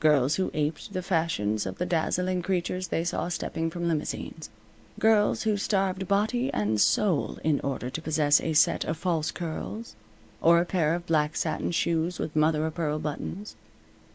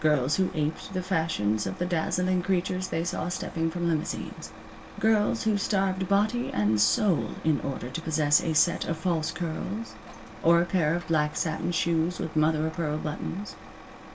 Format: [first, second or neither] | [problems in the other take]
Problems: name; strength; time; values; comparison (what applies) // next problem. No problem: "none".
first | background sound (Truck); 17 dB below the speech // room echo; dies away in 0.2 s